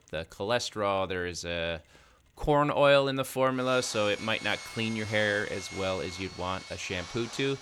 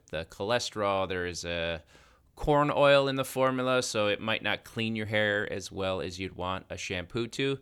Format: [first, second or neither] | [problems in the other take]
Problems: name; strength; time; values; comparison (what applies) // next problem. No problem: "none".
second | machinery noise; noticeable; throughout; 15 dB below the speech